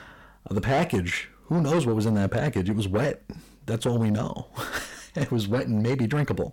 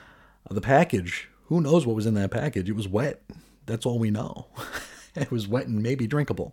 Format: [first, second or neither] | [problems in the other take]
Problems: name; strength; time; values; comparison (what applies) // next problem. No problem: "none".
second | distortion; heavy; 7 dB below the speech